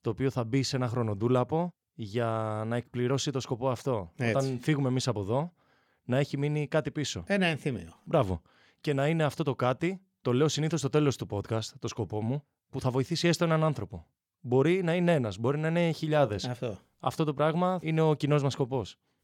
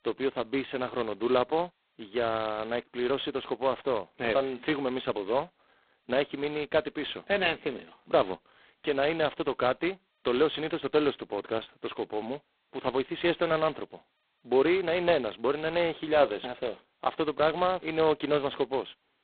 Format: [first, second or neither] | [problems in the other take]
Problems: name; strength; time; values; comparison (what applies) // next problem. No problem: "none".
first | phone-call audio; poor line; nothing above 4 kHz